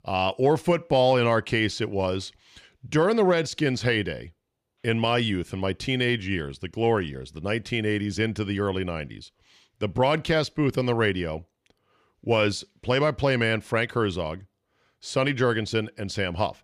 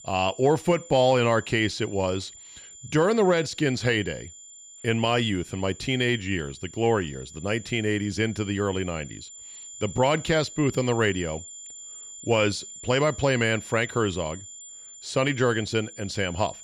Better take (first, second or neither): first